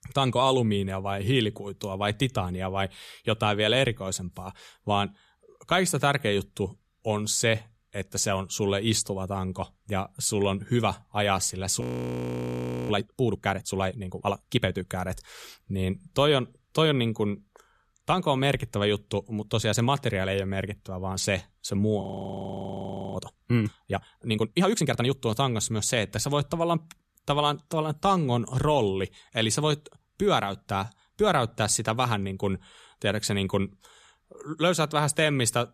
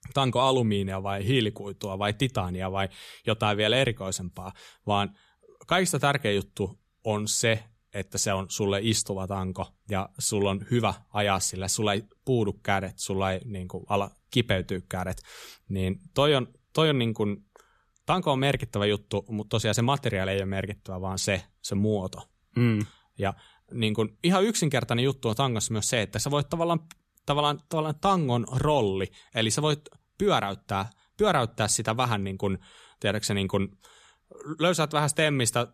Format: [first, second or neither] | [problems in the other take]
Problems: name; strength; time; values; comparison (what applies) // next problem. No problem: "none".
second | audio freezing; at 12 s for 1 s and at 22 s for 1 s